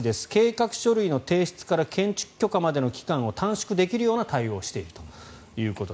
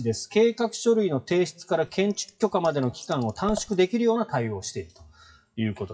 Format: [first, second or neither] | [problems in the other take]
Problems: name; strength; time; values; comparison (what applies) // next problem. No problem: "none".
first | noise reduction (classical method WPE with log-MMSE)